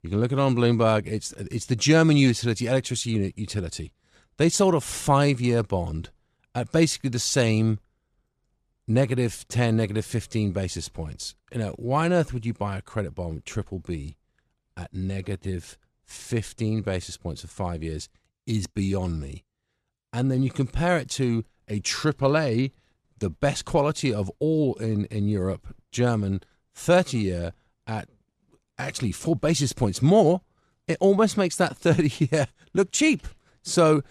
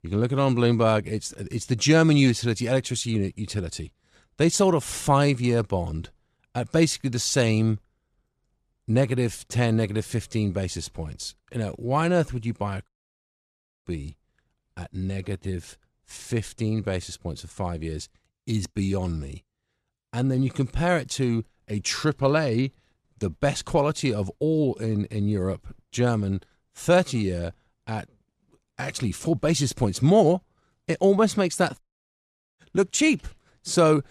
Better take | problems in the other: first | audio cutting out; at 13 s for 1 s and at 32 s for 1 s

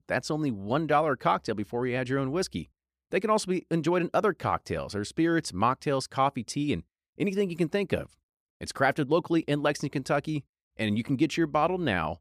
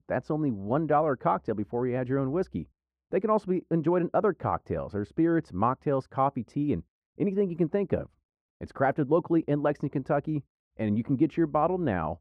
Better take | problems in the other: first | muffled; very; fading above 2.5 kHz

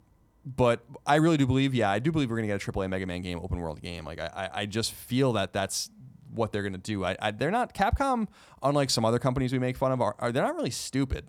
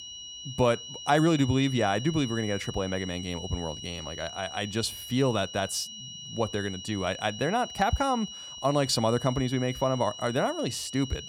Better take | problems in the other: first | high-pitched whine; noticeable; throughout; 3 kHz, 10 dB below the speech

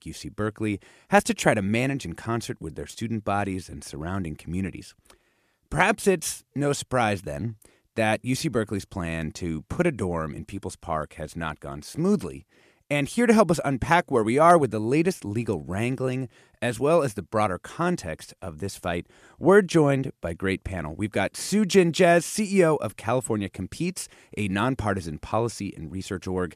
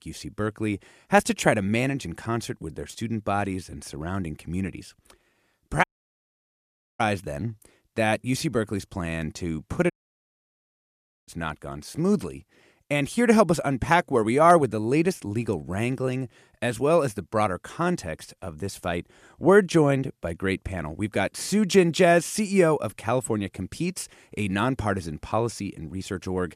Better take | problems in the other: first | audio cutting out; at 6 s for 1 s and at 10 s for 1.5 s

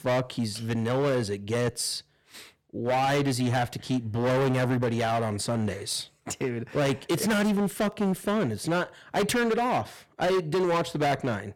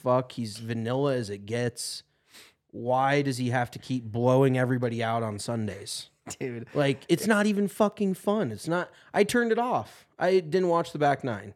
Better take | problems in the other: second | distortion; heavy; 18% of the sound clipped

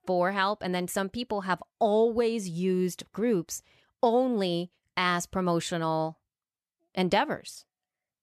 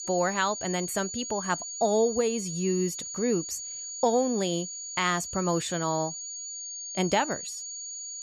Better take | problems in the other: first | high-pitched whine; loud; throughout; 7 kHz, 6 dB below the speech

